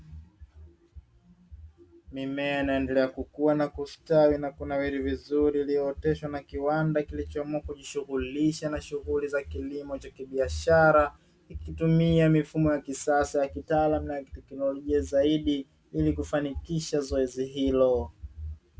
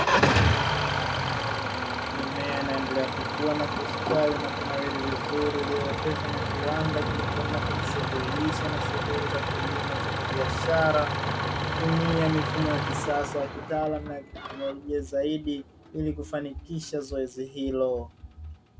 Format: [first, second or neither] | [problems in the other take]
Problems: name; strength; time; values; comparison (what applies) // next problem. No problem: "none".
first | background sound (Idling / Engine starting); 2 dB above the speech